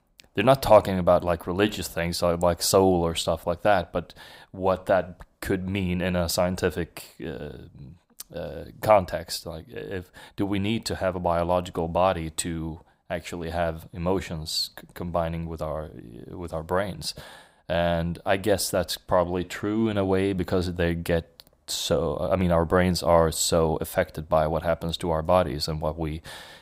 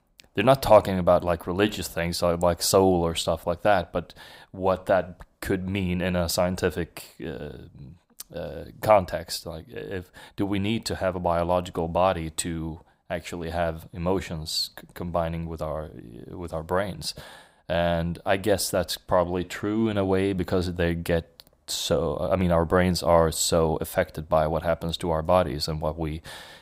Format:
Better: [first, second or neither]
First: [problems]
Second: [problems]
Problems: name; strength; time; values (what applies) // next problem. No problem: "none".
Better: neither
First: none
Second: none